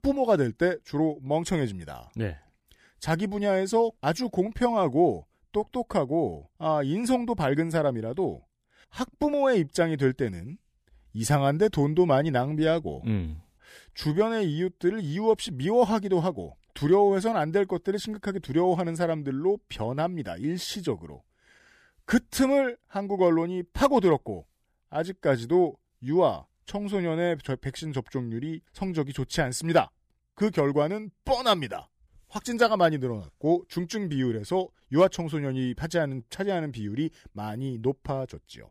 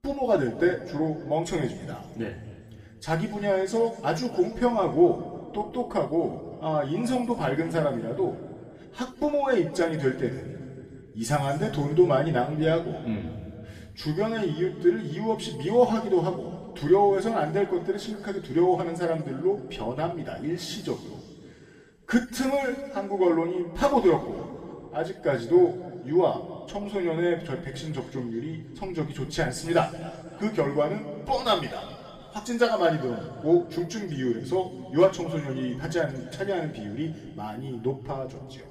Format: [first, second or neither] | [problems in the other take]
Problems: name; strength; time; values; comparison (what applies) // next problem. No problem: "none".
first | room echo; noticeable; dies away in 2.1 s // off-mic speech; far